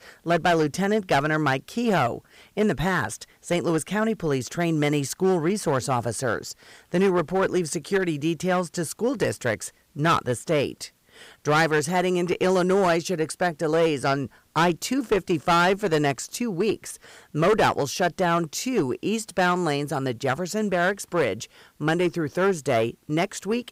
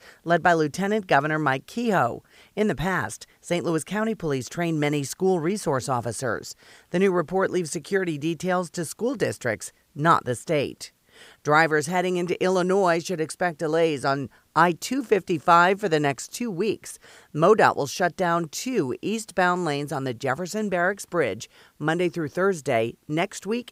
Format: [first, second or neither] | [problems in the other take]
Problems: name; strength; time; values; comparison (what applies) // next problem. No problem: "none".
second | distortion; slight; 5% of the sound clipped